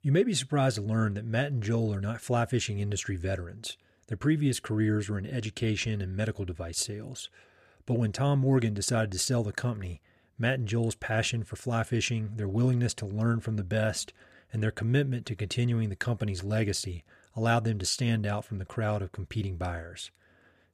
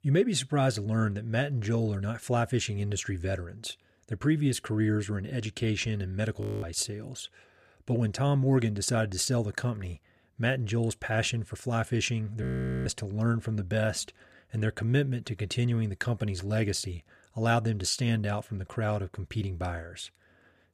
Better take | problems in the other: first | audio freezing; at 6.5 s and at 12 s

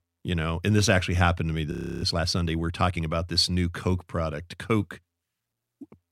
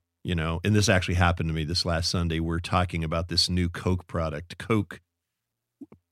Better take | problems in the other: second | audio freezing; at 1.5 s

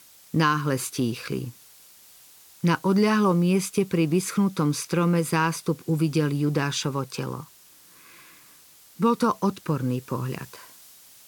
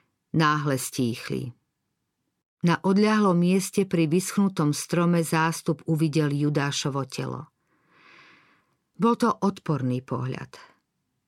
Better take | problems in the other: second | hiss; faint; throughout; 25 dB below the speech

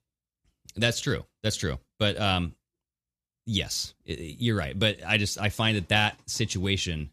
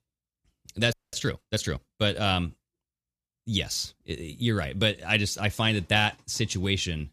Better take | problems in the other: first | audio freezing; at 1 s

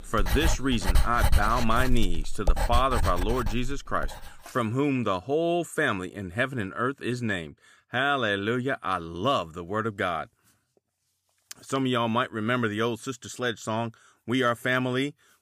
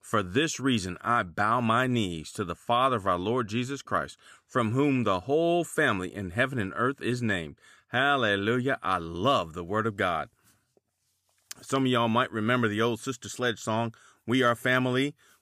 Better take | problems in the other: second | household noises; loud; until 4 s; 3 dB below the speech

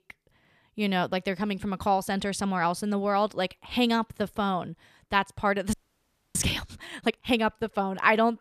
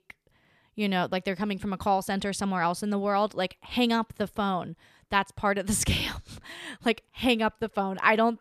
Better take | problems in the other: second | audio freezing; at 5.5 s for 0.5 s

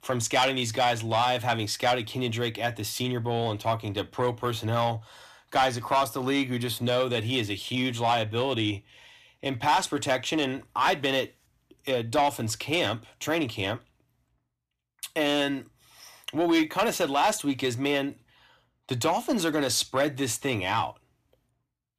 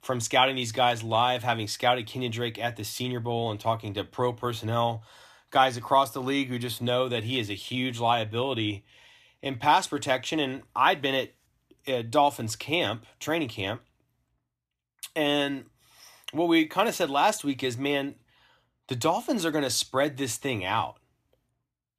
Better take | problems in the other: second | distortion; slight; 10 dB below the speech

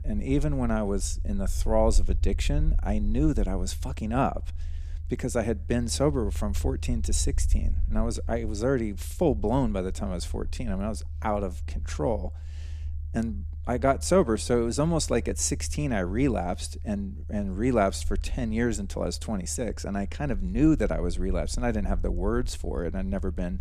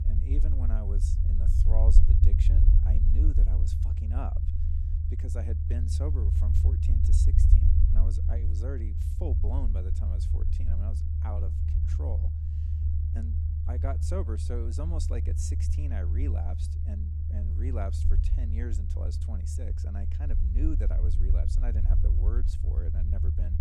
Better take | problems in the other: first | low rumble; loud; throughout; 1 dB below the speech; faint in the first

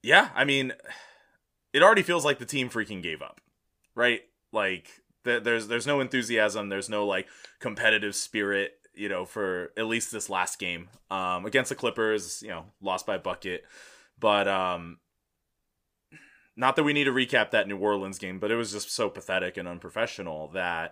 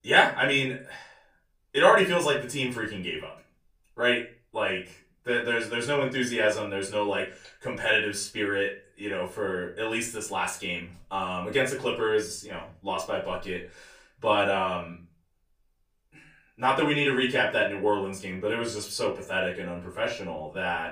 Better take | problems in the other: first | off-mic speech; far // room echo; slight; dies away in 0.3 s

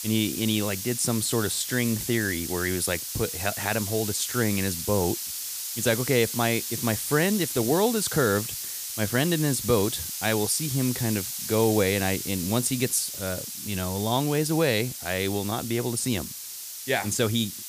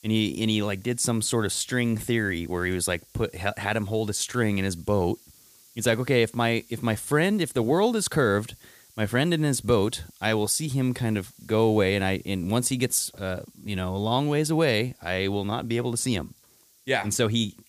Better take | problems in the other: second | hiss; loud; throughout; 5 dB below the speech; faint in the second

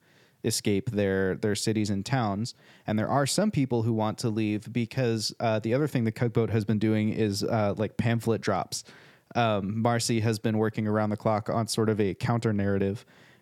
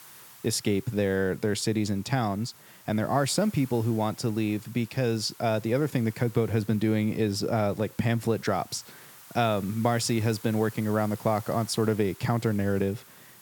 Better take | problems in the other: first | hiss; faint; throughout; 20 dB below the speech

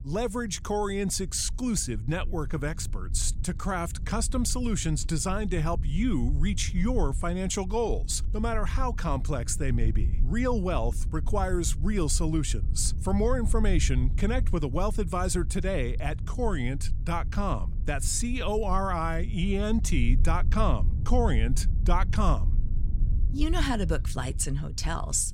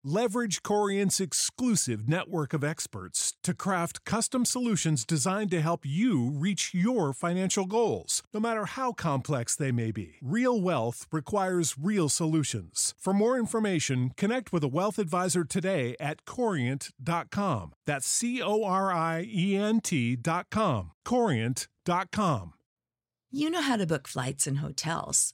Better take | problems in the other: second | low rumble; noticeable; throughout; 20 dB below the speech

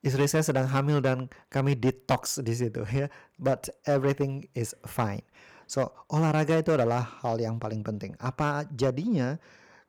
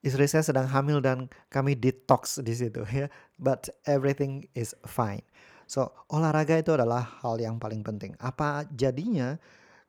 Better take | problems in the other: second | distortion; slight; 4% of the sound clipped

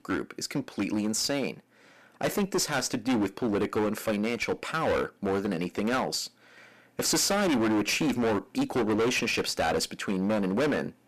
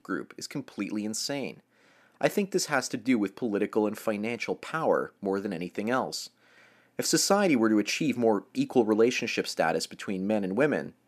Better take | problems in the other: second | distortion; heavy; 17% of the sound clipped

